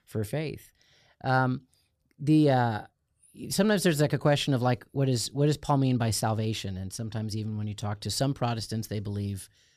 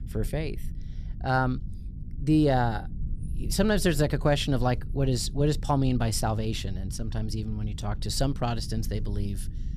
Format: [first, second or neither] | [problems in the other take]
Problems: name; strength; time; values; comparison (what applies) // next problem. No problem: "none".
first | low rumble; faint; throughout; 20 dB below the speech